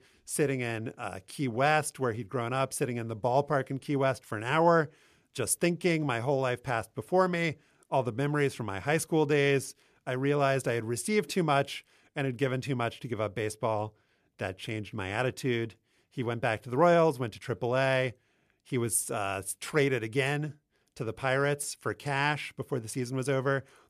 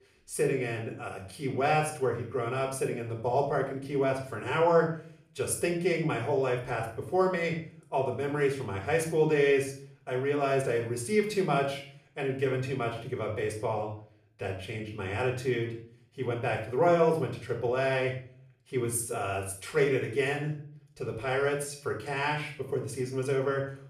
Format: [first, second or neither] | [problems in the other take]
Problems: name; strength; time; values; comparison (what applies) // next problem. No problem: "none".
first | off-mic speech; somewhat distant // room echo; slight; dies away in 0.5 s